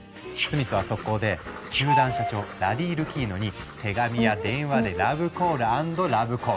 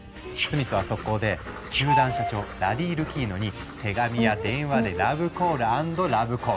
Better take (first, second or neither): first